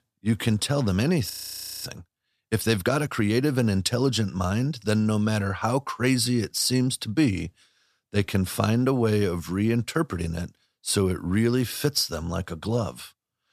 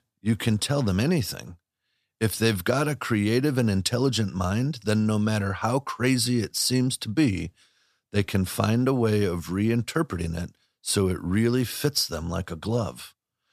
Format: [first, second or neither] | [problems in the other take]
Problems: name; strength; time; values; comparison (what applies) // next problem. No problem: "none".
second | audio freezing; at 1.5 s for 0.5 s